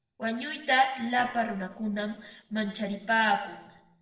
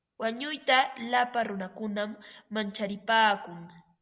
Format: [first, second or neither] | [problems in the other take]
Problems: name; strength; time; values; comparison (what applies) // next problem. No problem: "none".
second | noise reduction (neural separator model SepFormer DNS4)